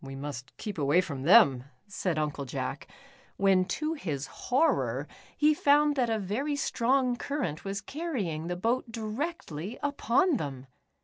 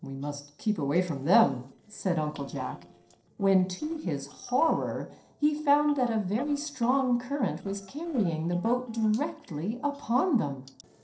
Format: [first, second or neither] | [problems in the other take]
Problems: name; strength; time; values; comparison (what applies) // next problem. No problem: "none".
first | noise reduction (neural separator model SepFormer DNS4)